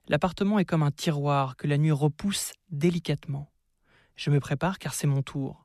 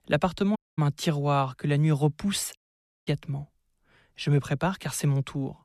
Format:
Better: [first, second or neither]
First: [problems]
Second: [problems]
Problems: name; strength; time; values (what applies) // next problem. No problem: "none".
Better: first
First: none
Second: audio cutting out; at 0.5 s and at 2.5 s for 0.5 s